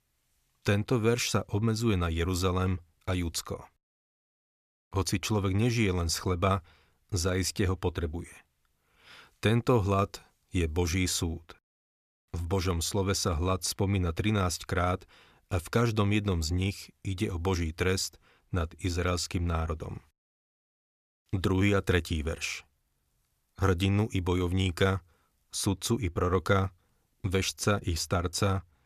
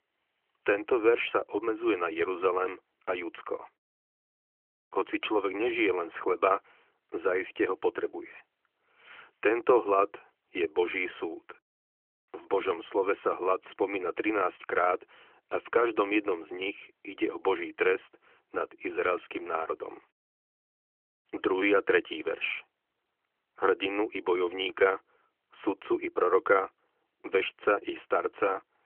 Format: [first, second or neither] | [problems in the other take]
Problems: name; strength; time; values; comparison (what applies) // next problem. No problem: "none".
first | phone-call audio; nothing above 3 kHz